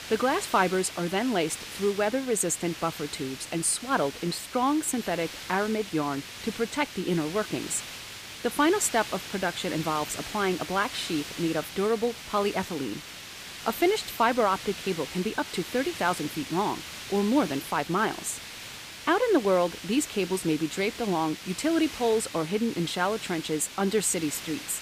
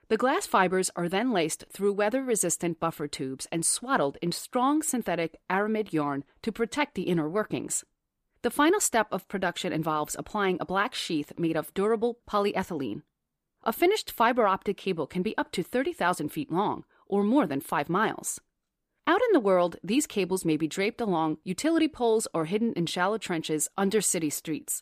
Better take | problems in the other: second | hiss; noticeable; throughout; 10 dB below the speech

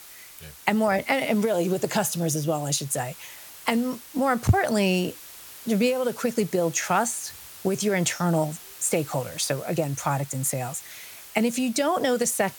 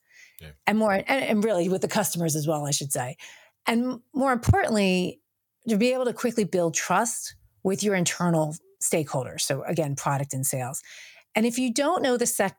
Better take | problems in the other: second | hiss; noticeable; throughout; 15 dB below the speech

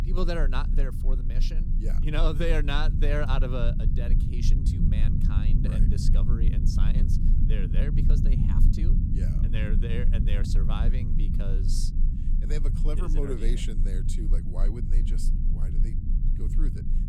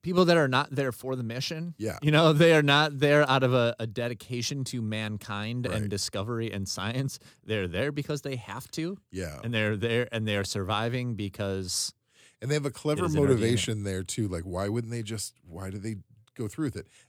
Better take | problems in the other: second | low rumble; loud; throughout; 5 dB below the speech

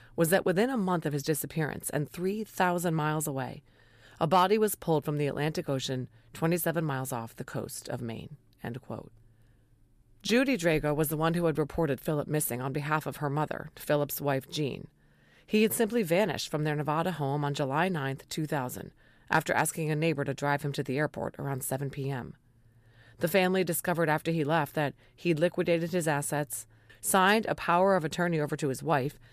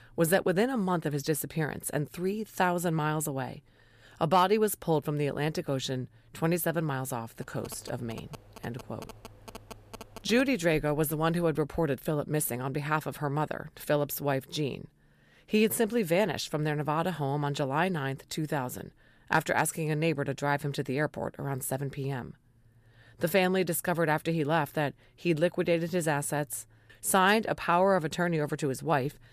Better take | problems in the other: first | phone ringing; faint; from 7.5 to 11 s; peak 15 dB below the speech

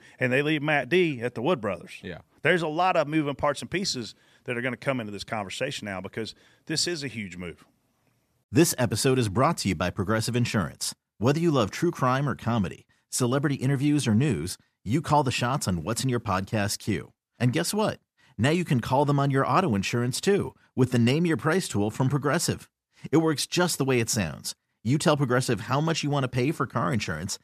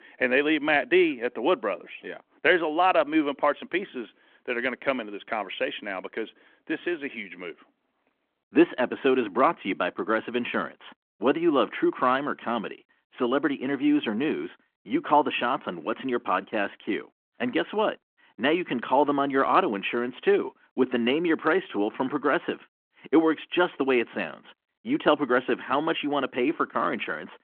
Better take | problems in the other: first | phone-call audio

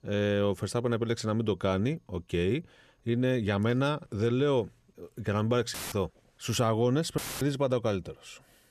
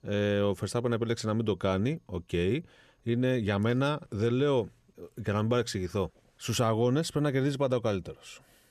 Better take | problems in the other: second | audio cutting out; filled with static; at 5.5 s and at 7 s

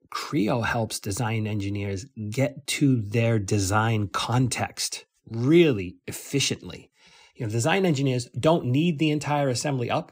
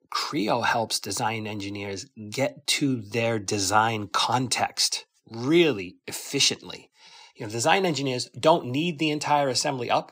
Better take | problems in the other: first | thin; somewhat; fading below 650 Hz

